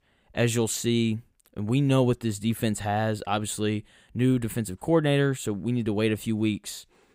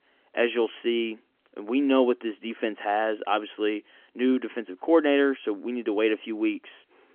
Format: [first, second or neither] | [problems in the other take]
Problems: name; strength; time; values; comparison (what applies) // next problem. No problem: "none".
first | phone-call audio; nothing above 3.5 kHz